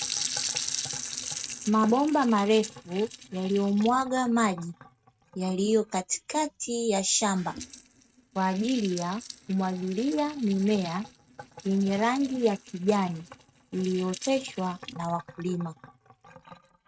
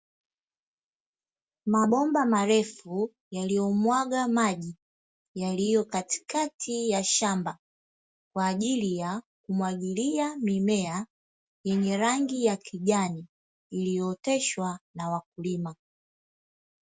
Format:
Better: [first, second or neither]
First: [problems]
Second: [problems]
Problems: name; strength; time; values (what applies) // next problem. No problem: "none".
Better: second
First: noise reduction (neural mask model RNNoise)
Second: none